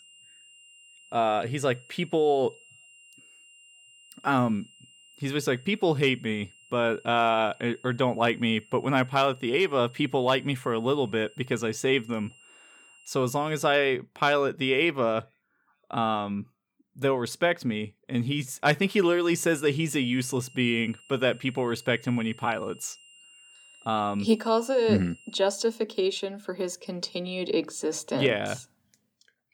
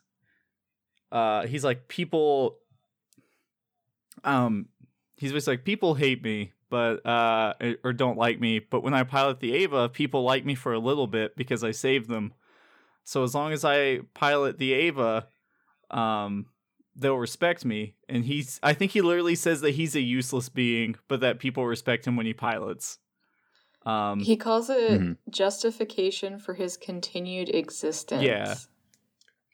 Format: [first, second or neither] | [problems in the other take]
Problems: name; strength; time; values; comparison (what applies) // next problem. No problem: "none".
second | high-pitched whine; faint; until 14 s and from 19 to 25 s; 3 kHz, 25 dB below the speech